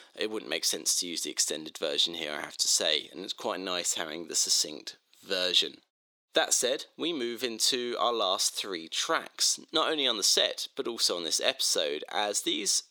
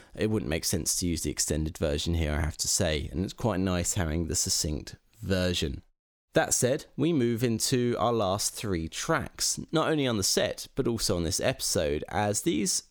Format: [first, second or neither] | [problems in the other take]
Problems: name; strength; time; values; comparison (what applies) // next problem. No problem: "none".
second | thin; somewhat; fading below 350 Hz